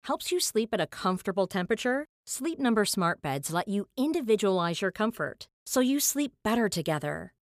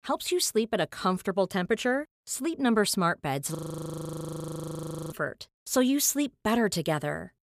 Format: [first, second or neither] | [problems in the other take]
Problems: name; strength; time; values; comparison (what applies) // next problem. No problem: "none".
first | audio freezing; at 3.5 s for 1.5 s